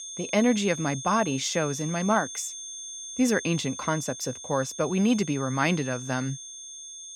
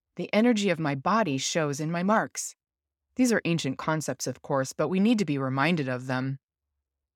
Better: second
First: high-pitched whine; loud; throughout; 6.5 kHz, 10 dB below the speech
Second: none

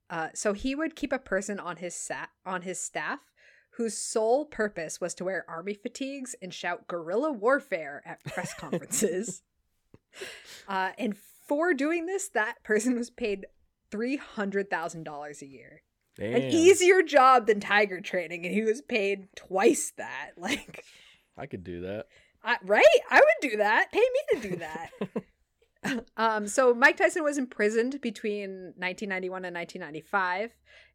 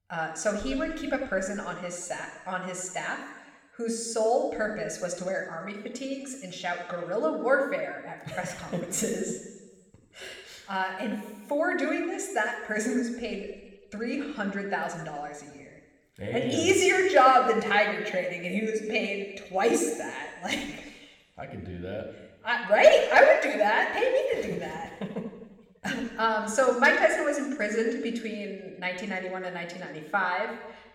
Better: first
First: none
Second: room echo; noticeable; dies away in 1.1 s

